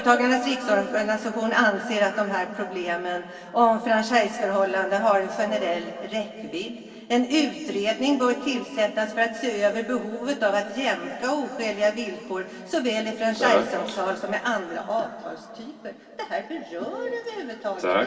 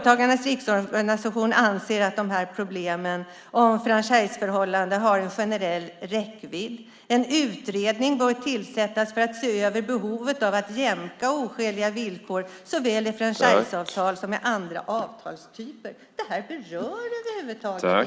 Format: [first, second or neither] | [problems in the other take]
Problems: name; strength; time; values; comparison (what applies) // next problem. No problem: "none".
second | background sound (Wind instrument, woodwind instrument); 13 dB below the speech // room echo; dies away in 3 s